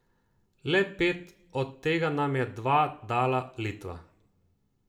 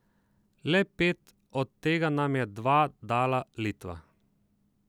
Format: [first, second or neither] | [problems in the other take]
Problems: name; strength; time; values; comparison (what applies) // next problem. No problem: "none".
second | room echo; dies away in 0.4 s